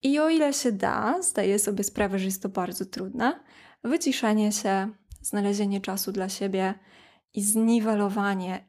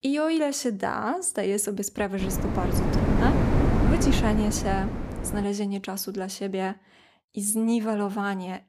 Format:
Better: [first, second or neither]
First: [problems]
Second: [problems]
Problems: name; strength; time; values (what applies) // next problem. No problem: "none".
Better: first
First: none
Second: wind noise on the microphone; heavy; from 2 to 5.5 s; 1 dB below the speech